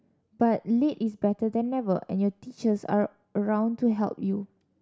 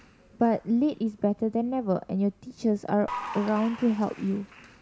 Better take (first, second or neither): first